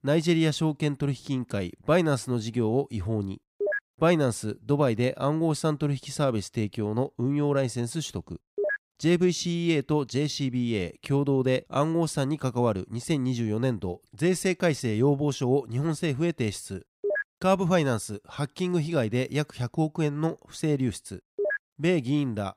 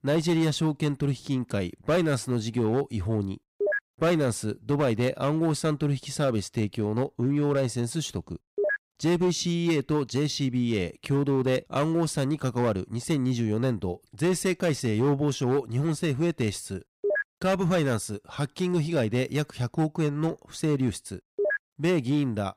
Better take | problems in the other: first | distortion; slight; 6% of the sound clipped

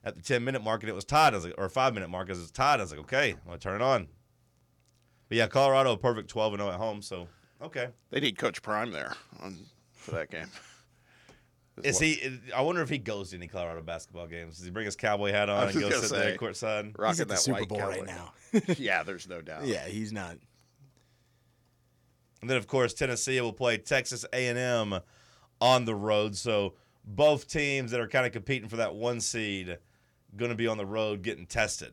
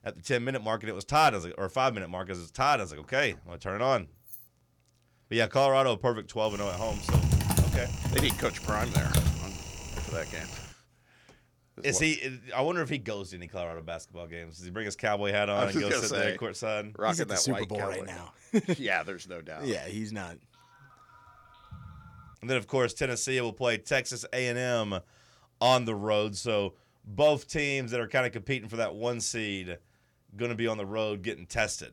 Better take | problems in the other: first | jangling keys; faint; at 4.5 s; peak 15 dB below the speech // keyboard typing; loud; from 7 to 10 s; peak 5 dB above the speech // phone ringing; faint; from 21 to 22 s; peak 20 dB below the speech

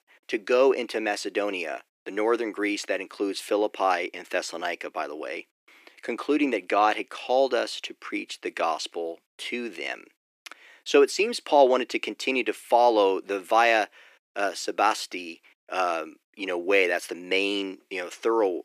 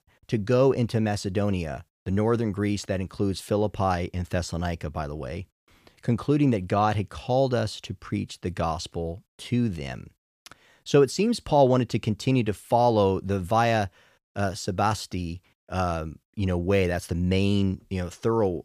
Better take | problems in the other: second | thin; somewhat; fading below 300 Hz

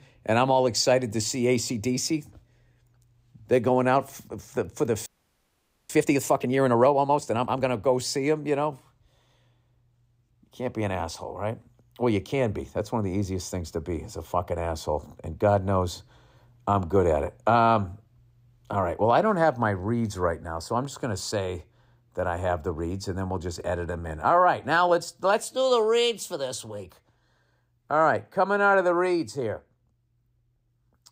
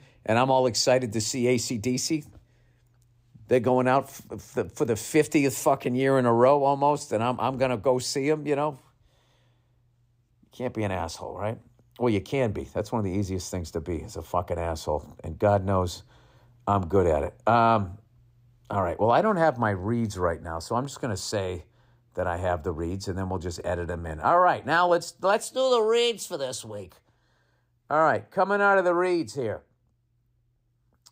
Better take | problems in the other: second | audio freezing; at 5 s for 1 s

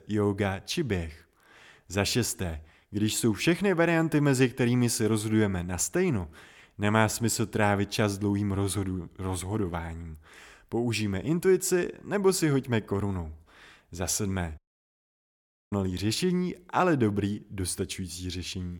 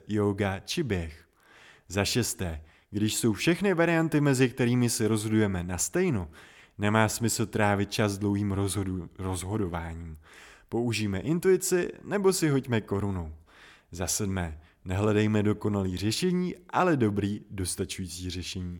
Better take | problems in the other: second | audio cutting out; at 15 s for 1 s

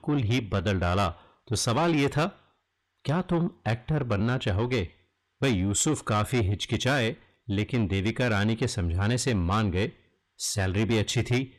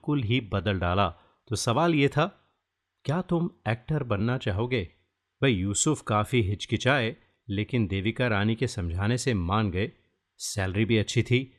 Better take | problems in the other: second | distortion; slight; 10 dB below the speech

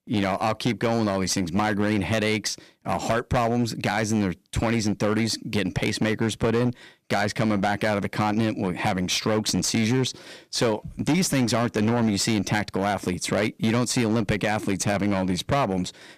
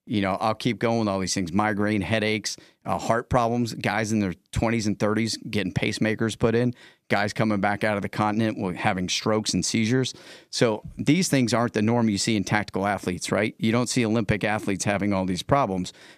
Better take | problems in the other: second | distortion; slight; 13% of the sound clipped

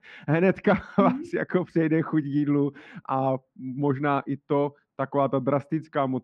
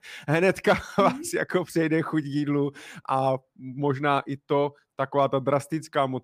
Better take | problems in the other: second | muffled; very; fading above 2.5 kHz

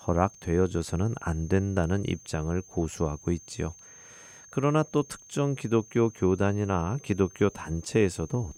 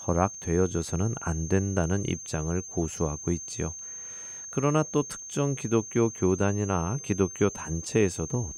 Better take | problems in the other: first | high-pitched whine; loud; throughout; 6.5 kHz, 9 dB below the speech; faint in the first

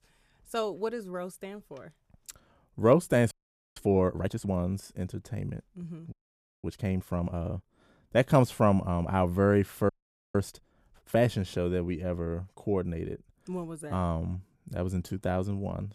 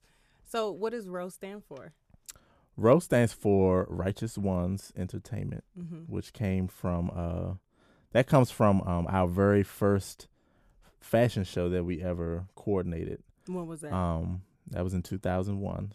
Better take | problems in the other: second | audio freezing; at 3.5 s, at 6 s for 0.5 s and at 10 s

